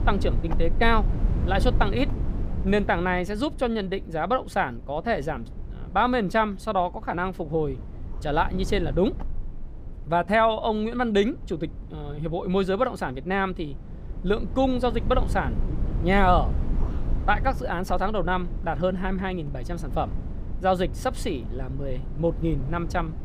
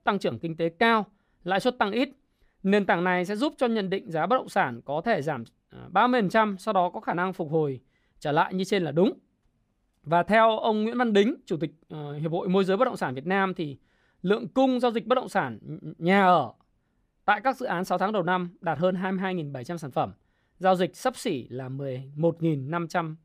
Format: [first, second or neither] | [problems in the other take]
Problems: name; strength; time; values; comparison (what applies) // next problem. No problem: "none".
second | wind noise on the microphone; occasional gusts; 20 dB below the speech